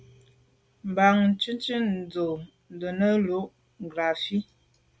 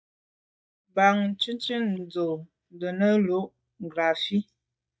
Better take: first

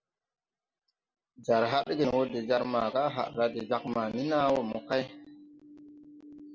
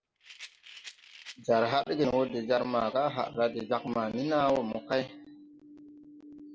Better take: first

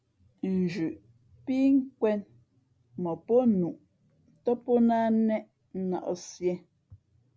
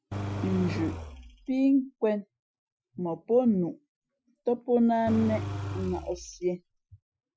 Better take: first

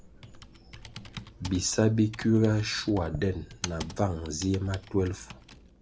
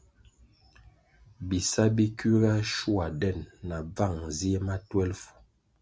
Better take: second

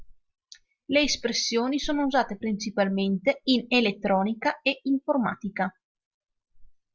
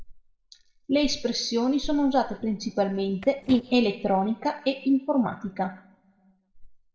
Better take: first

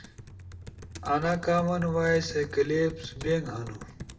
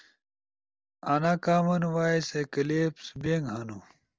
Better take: second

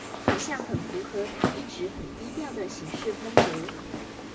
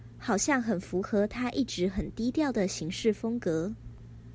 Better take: second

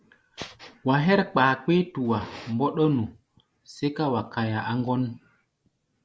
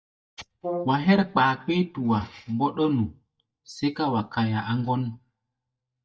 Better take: first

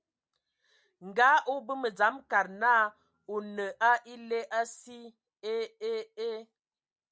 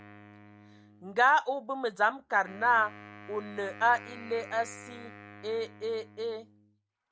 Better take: first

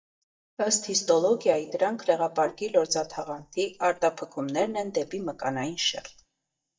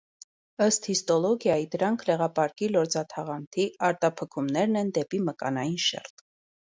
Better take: second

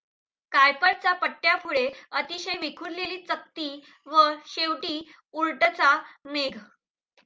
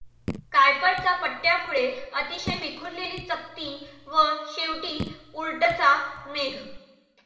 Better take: first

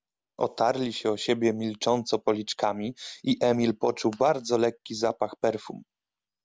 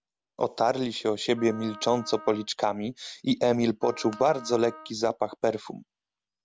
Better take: first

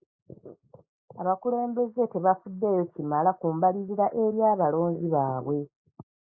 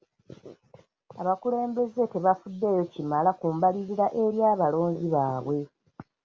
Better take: second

